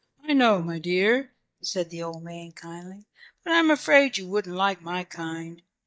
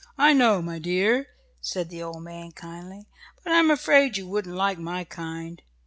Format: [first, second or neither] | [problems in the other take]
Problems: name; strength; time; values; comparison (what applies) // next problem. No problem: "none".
second | noise reduction (neural mask model DeepFilterNet 3)